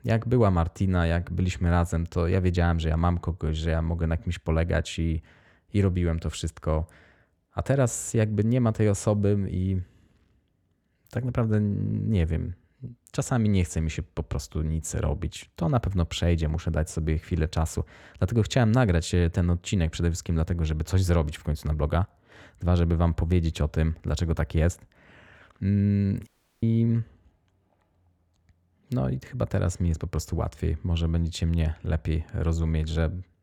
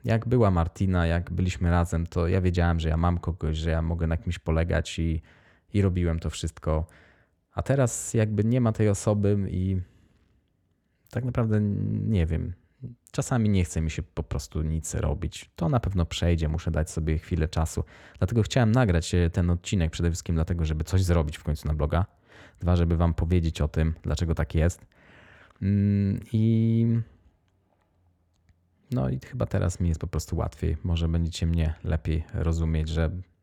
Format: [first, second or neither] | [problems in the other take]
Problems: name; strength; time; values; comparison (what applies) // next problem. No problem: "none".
second | audio cutting out; at 26 s